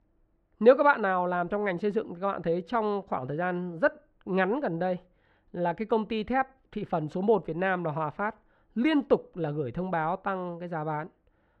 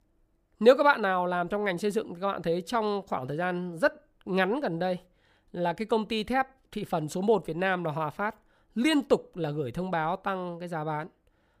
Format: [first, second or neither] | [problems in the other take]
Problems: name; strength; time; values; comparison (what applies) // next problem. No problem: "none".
second | muffled; slightly; fading above 2 kHz